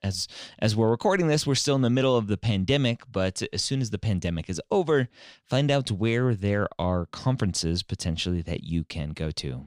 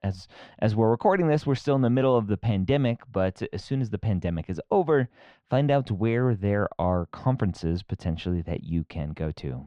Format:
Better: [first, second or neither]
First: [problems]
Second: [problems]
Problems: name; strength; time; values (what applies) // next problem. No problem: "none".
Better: first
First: none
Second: muffled; very; fading above 3.5 kHz